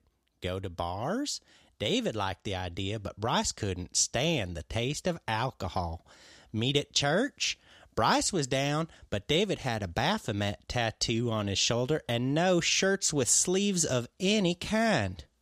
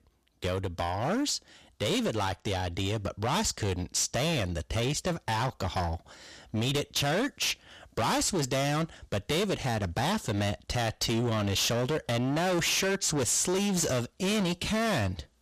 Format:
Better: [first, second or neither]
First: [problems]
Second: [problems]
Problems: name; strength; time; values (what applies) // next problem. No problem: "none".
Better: first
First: none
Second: distortion; heavy; 24% of the sound clipped